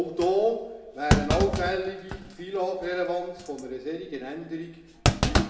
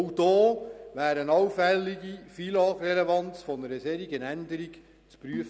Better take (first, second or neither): second